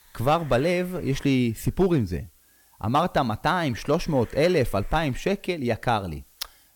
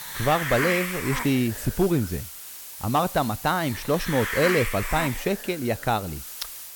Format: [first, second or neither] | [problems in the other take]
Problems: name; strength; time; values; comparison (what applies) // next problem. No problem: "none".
first | hiss; loud; throughout; 6 dB below the speech; faint in the first